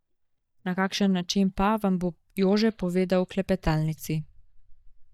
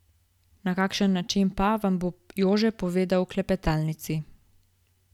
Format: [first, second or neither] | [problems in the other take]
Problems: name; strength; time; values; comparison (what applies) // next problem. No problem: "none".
second | noise reduction (neural mask model DeepFilterNet 3)